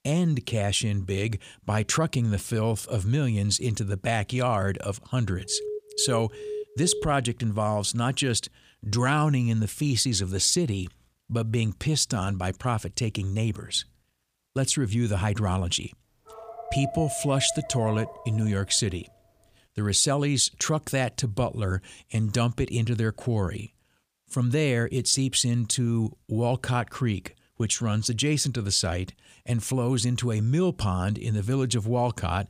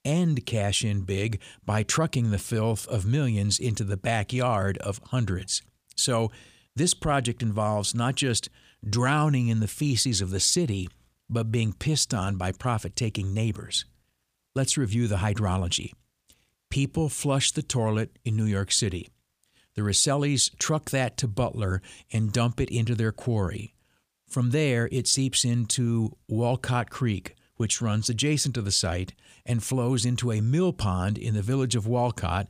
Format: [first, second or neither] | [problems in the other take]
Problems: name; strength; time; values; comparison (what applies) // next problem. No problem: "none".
second | alarm; noticeable; from 5.5 to 7 s; peak 10 dB below the speech // dog barking; noticeable; from 16 to 19 s; peak 6 dB below the speech